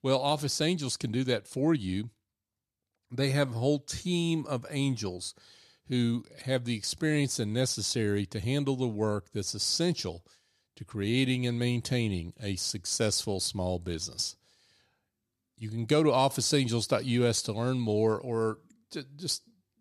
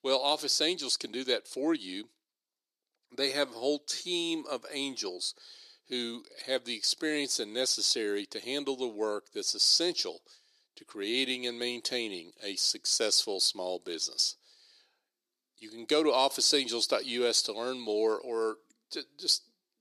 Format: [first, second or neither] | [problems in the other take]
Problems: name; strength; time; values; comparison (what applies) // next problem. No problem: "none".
first | thin; somewhat; fading below 350 Hz